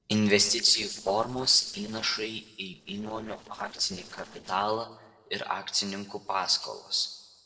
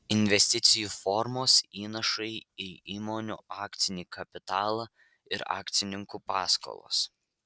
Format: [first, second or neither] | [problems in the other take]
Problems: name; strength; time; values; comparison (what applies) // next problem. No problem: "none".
second | noise reduction (neural separator model SepFormer DNS4)